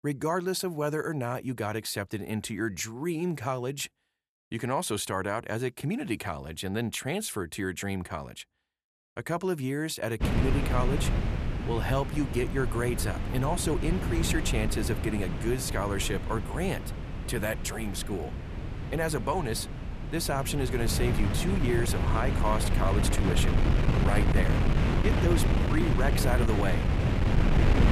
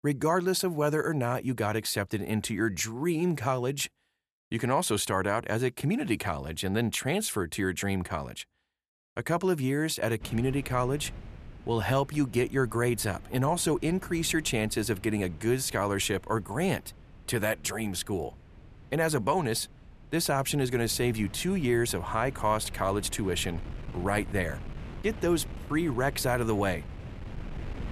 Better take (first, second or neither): second